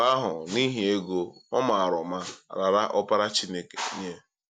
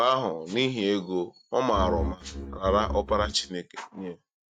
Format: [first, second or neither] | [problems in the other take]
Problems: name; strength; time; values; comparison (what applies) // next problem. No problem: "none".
first | noise reduction (neural mask model RNNoise)